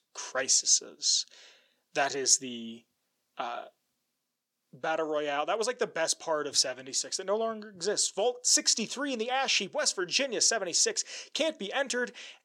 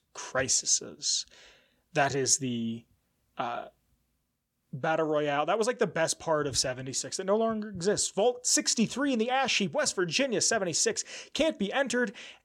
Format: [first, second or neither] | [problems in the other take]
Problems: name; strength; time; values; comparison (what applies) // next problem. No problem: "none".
second | thin; very slightly; fading below 300 Hz